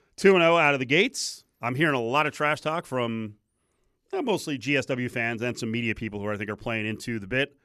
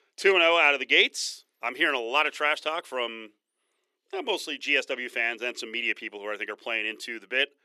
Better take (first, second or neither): first